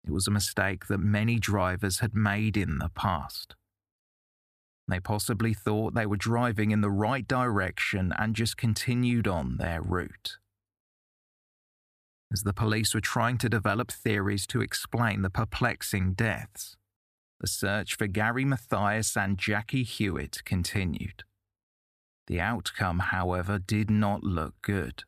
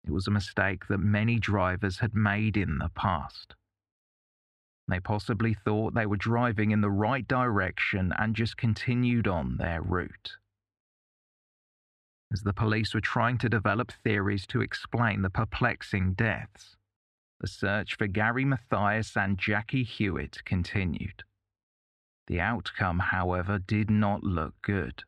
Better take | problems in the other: first | muffled; slightly; fading above 2.5 kHz

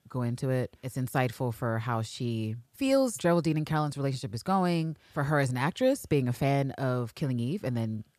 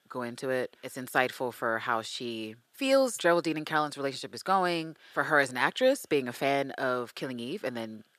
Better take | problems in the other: first | thin; somewhat; fading below 400 Hz

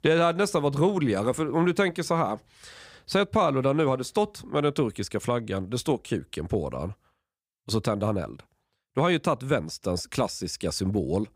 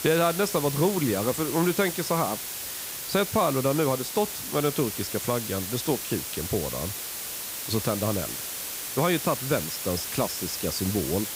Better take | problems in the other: first | hiss; loud; throughout; 4 dB below the speech

